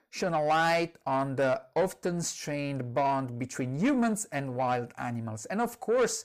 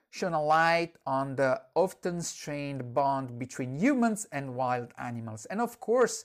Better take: second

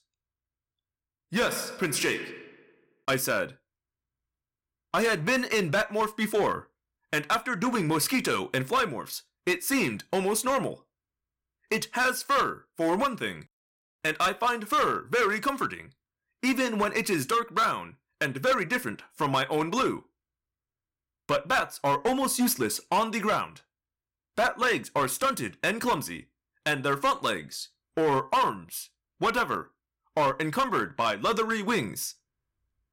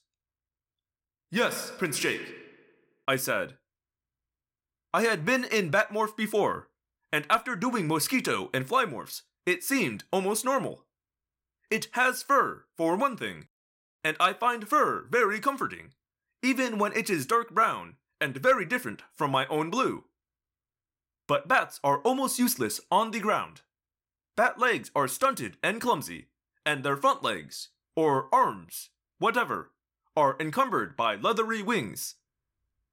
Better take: second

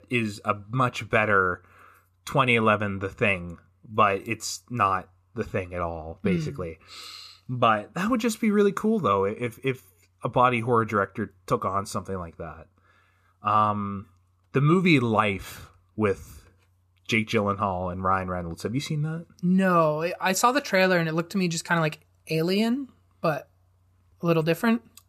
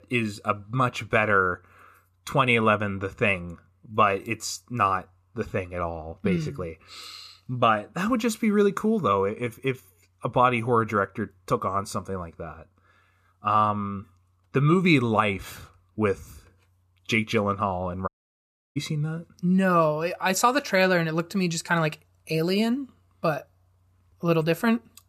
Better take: first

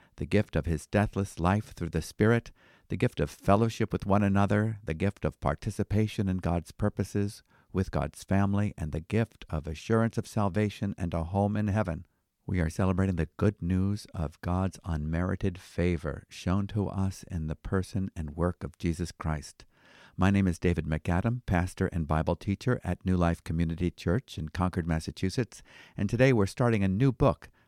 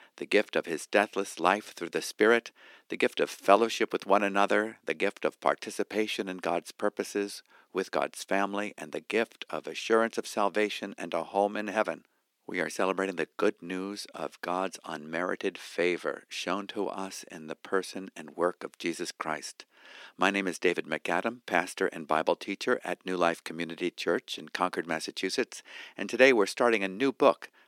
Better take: first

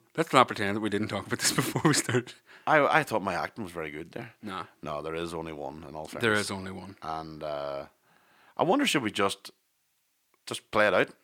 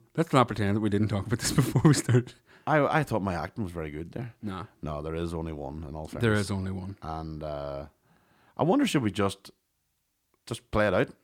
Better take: second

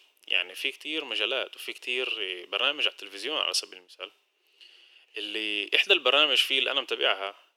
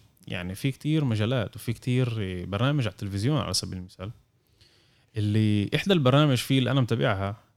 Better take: second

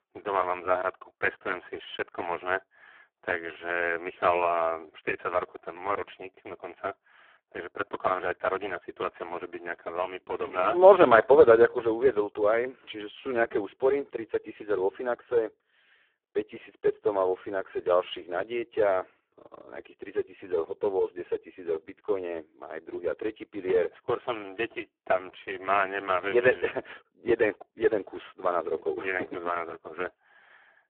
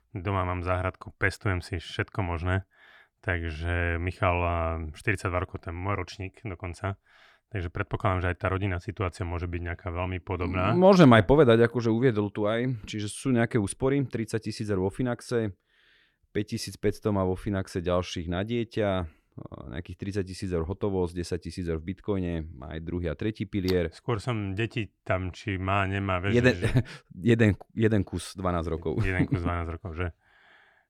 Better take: second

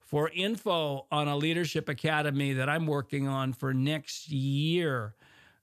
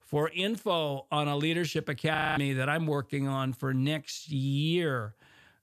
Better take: first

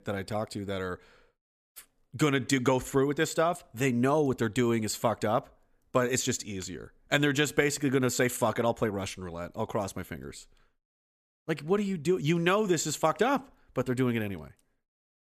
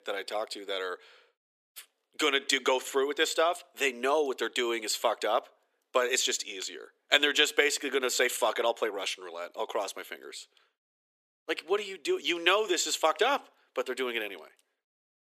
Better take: first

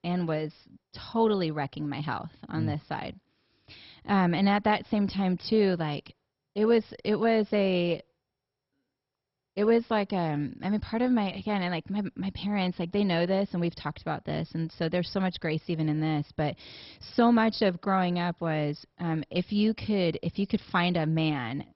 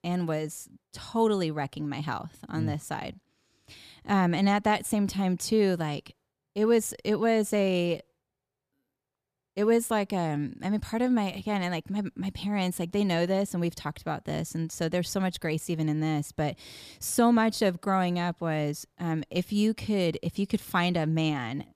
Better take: second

